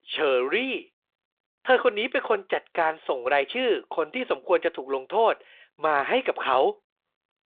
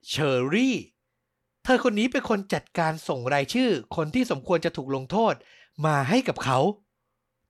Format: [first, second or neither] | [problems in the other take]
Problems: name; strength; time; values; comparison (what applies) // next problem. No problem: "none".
second | phone-call audio